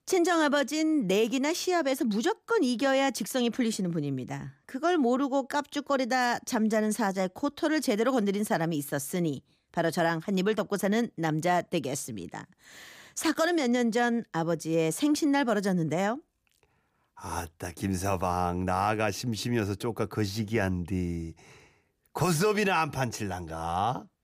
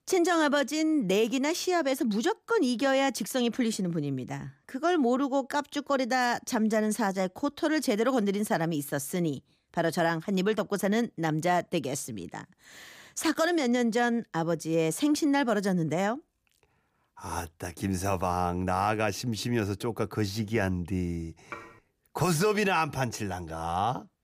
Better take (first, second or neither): first